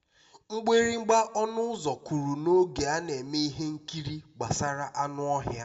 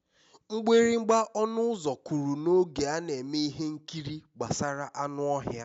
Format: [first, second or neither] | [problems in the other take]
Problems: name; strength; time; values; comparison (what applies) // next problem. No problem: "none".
second | room echo; dies away in 0.7 s